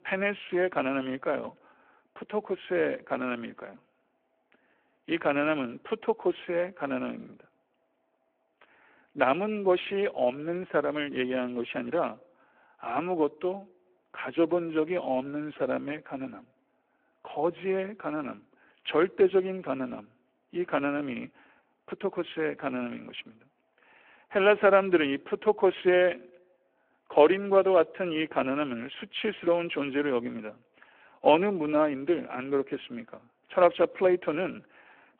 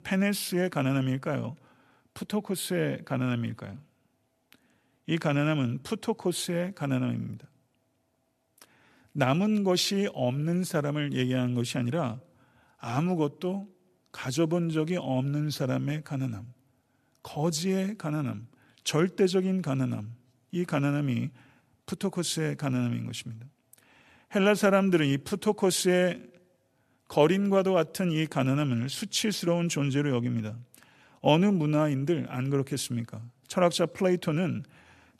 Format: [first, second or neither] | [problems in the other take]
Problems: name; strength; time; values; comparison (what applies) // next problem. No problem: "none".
second | phone-call audio